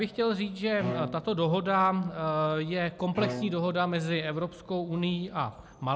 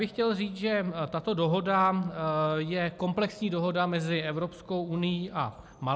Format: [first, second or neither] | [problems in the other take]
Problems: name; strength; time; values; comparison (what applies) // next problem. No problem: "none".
second | background sound (Bowed string instrument); 11 dB below the speech